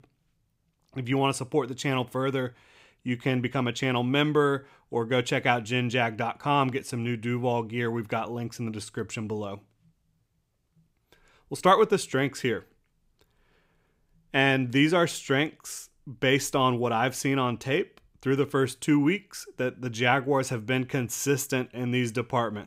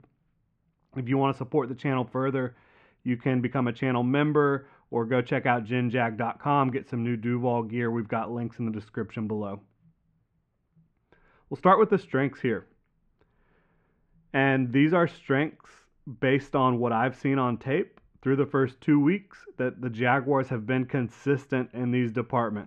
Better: first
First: none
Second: muffled; very; fading above 1.5 kHz

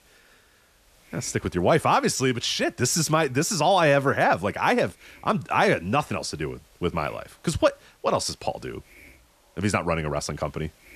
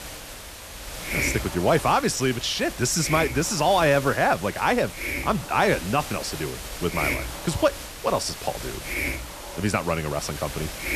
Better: first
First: hiss; faint; throughout; 30 dB below the speech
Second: hiss; loud; throughout; 7 dB below the speech

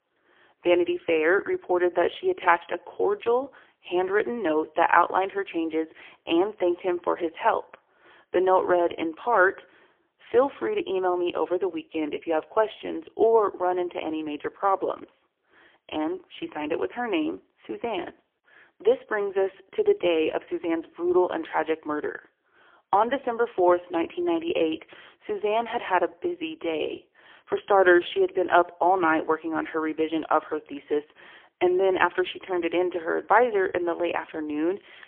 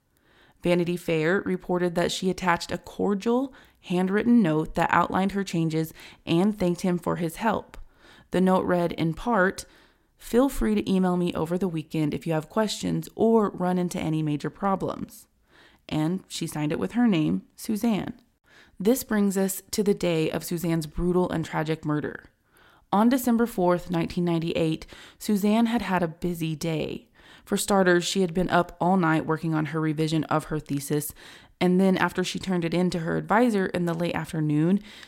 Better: second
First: phone-call audio; poor line; nothing above 3.5 kHz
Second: none

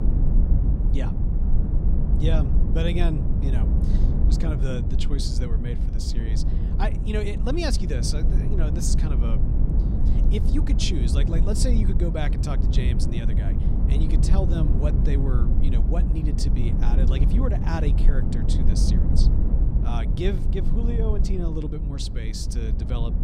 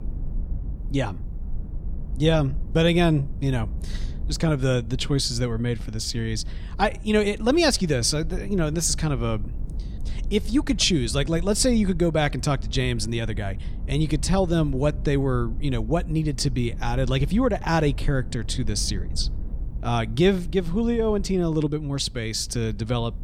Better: second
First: low rumble; loud; throughout; 3 dB below the speech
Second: low rumble; faint; throughout; 25 dB below the speech

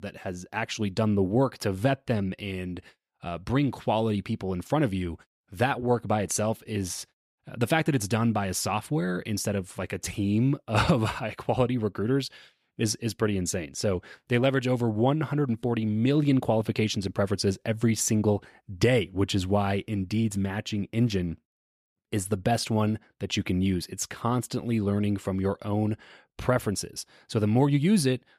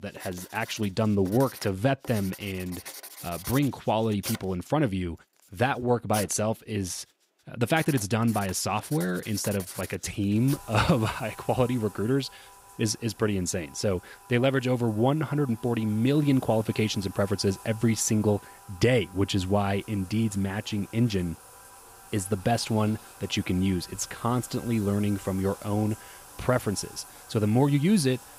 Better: first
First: none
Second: household noises; noticeable; throughout; 15 dB below the speech

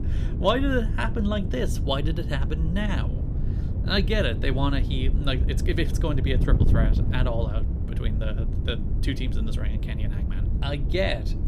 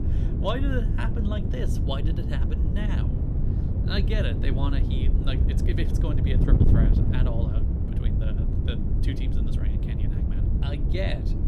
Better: first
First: wind noise on the microphone; occasional gusts; 10 dB below the speech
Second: wind noise on the microphone; heavy; 2 dB below the speech

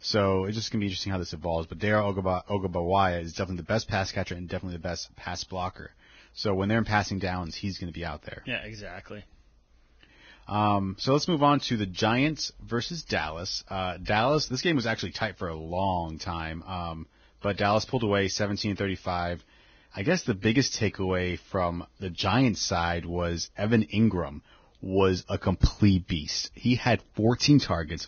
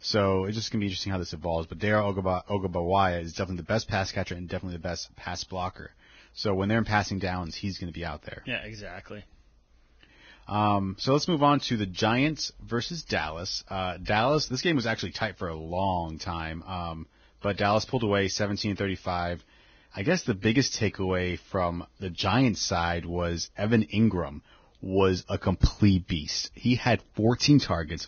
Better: neither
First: garbled, watery; badly; nothing above 6.5 kHz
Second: garbled, watery; badly; nothing above 6.5 kHz

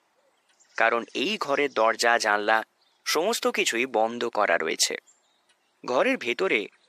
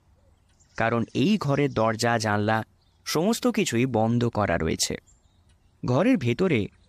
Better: second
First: thin; somewhat; fading below 400 Hz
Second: none

